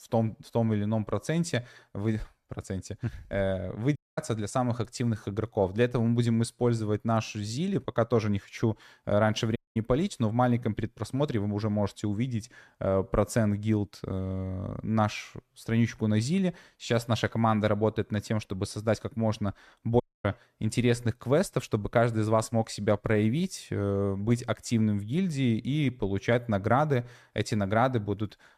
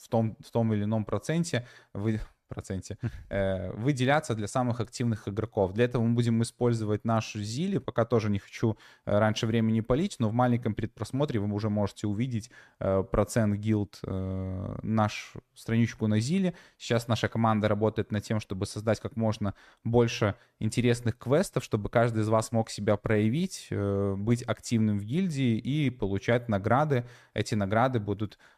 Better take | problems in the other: second | audio cutting out; at 4 s, at 9.5 s and at 20 s

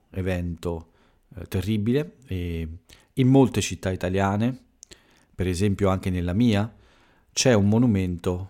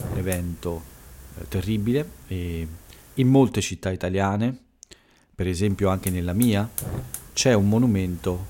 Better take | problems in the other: first | hiss; noticeable; until 3.5 s and from 5.5 s on; 15 dB below the speech

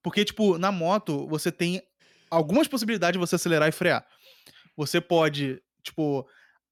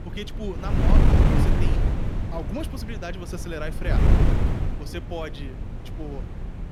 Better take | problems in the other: first | wind noise on the microphone; heavy; 4 dB above the speech

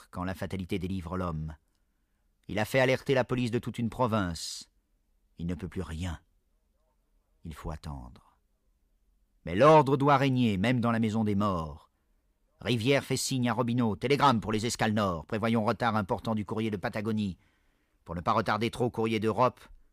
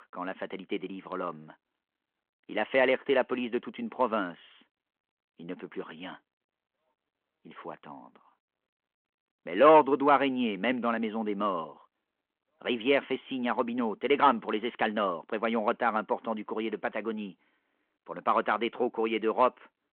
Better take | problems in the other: first | phone-call audio

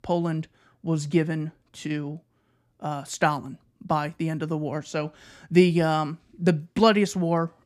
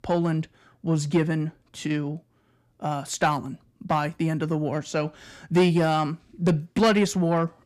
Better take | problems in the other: first | distortion; slight; 10 dB below the speech

